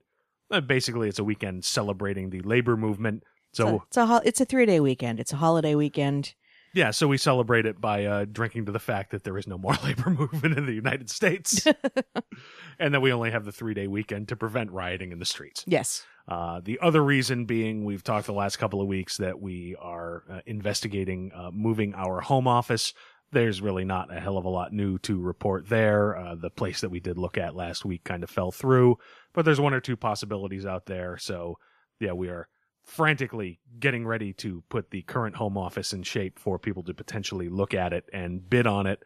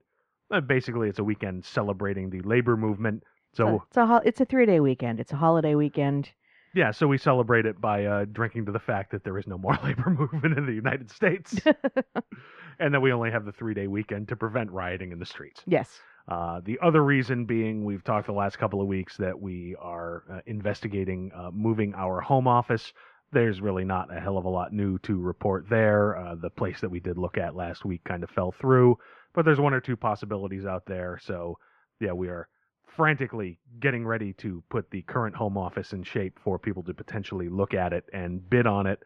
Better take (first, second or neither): first